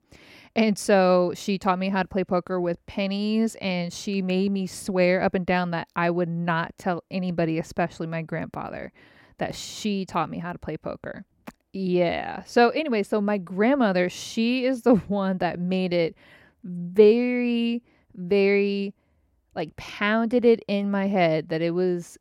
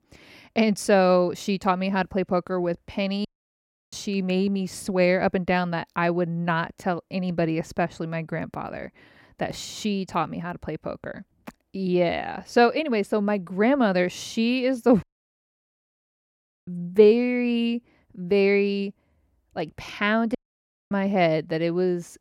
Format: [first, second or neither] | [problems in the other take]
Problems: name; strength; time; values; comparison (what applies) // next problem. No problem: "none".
first | audio cutting out; at 3.5 s for 0.5 s, at 15 s for 1.5 s and at 20 s for 0.5 s